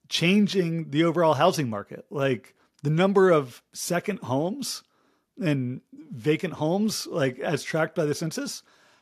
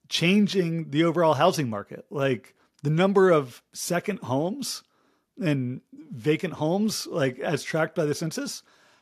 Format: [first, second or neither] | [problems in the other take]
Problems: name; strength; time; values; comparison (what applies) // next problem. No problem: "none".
neither | none